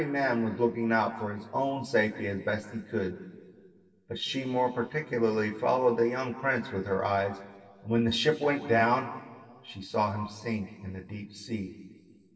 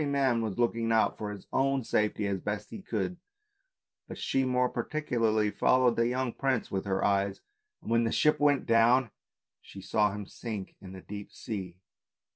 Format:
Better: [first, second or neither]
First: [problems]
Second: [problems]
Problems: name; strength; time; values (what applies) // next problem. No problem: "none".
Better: second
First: room echo; dies away in 1.8 s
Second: none